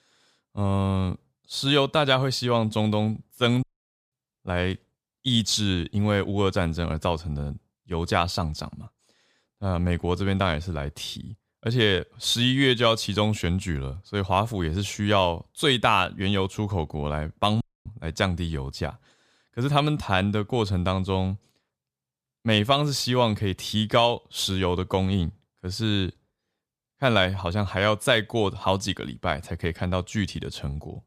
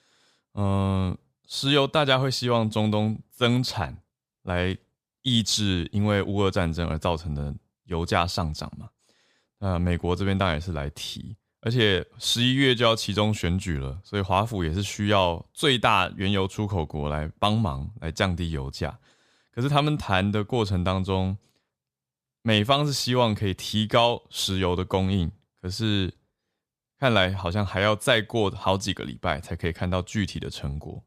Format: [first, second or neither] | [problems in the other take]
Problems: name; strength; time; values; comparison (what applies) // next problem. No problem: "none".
second | audio cutting out; at 3.5 s and at 18 s